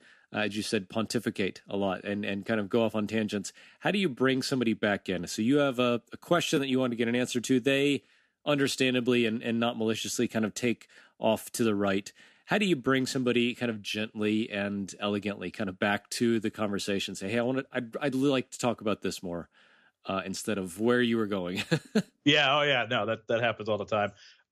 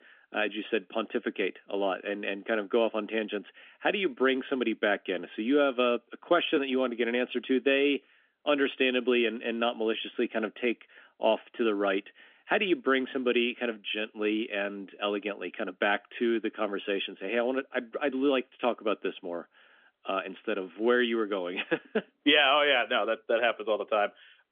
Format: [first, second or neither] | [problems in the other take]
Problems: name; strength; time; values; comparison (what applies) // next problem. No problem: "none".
first | phone-call audio; nothing above 3.5 kHz